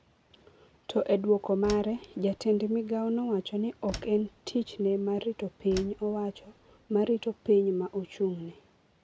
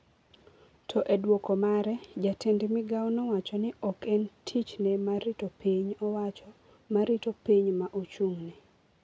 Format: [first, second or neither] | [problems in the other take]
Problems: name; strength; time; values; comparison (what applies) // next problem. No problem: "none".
second | background sound (Slam); 17 dB below the speech